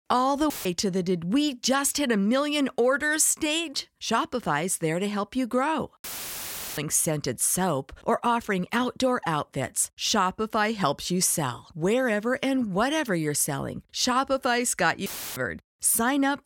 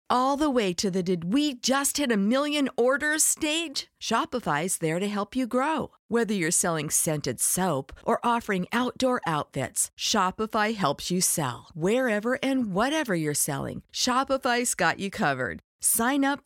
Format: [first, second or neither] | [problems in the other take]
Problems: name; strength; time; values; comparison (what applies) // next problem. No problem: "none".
second | audio cutting out; filled with static; at 0.5 s, at 6 s for 0.5 s and at 15 s